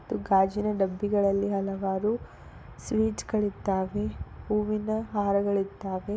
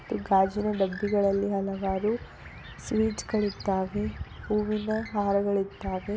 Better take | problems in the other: first | background sound (Bird); 18 dB below the speech

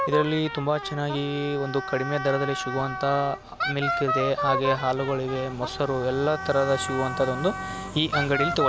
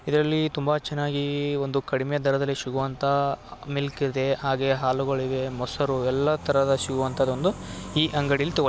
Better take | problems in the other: second | background sound (Wind instrument, woodwind instrument); 5 dB below the speech

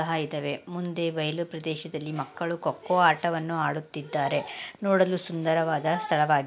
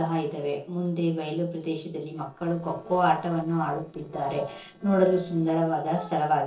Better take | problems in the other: first | noise reduction (neural separator model SepFormer DNS4)

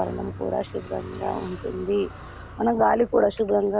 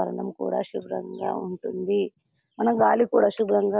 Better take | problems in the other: second | background sound (Car); 15 dB below the speech

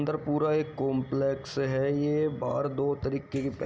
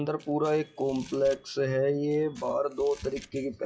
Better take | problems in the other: first | noise reduction (classical method WPE with log-MMSE)

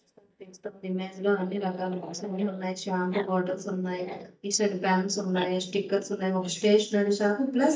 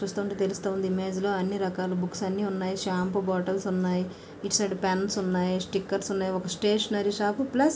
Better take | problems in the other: second | noise reduction (neural mask model DeepFilterNet 3)

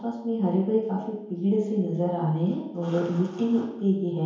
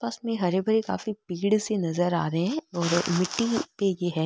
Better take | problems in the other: second | room echo; dies away in 1 s

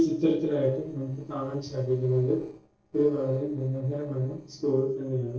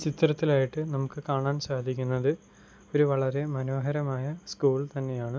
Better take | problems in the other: second | noise reduction (neural separator model SepFormer DNS4)

